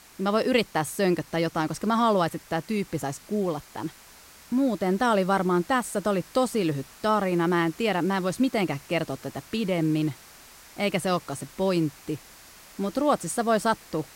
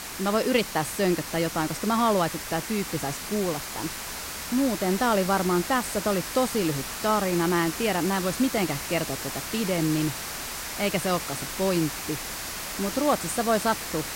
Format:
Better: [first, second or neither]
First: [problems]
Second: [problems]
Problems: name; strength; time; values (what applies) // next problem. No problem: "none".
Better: first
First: hiss; faint; throughout; 20 dB below the speech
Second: hiss; loud; throughout; 6 dB below the speech